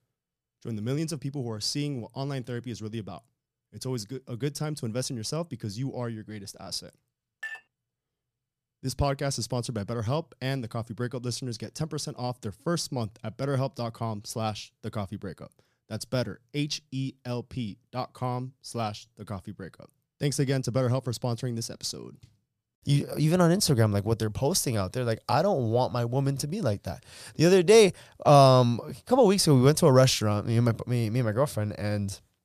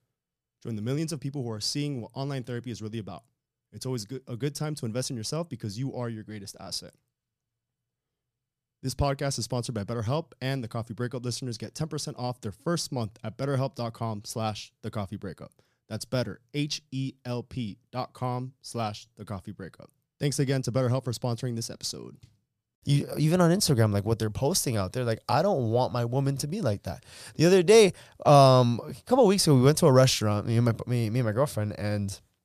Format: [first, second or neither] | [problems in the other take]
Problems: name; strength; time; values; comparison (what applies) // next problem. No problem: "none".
second | clattering dishes; faint; at 7.5 s; peak 10 dB below the speech